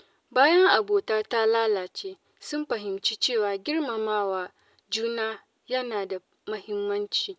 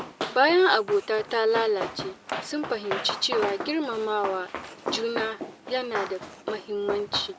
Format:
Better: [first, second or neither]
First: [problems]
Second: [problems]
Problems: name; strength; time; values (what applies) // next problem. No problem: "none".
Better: first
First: none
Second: background sound (Run); 8 dB below the speech